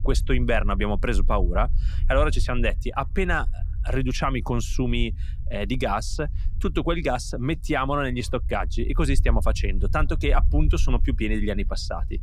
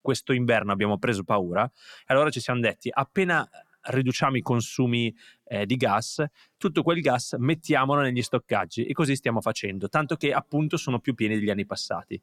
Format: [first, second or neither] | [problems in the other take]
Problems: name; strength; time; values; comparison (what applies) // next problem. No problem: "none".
second | low rumble; faint; throughout; 20 dB below the speech